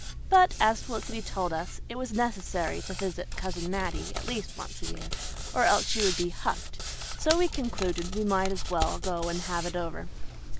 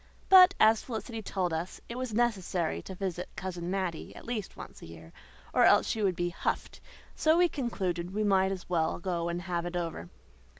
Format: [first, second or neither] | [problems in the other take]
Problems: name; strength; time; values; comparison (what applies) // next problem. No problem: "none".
second | background sound (Hands); 3 dB below the speech